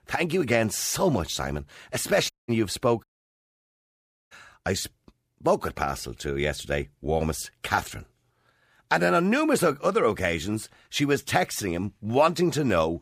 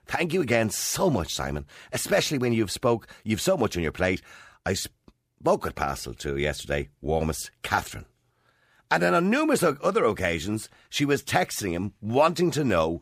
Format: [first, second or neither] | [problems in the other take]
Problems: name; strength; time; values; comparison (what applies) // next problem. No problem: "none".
second | audio cutting out; at 2.5 s and at 3 s for 1.5 s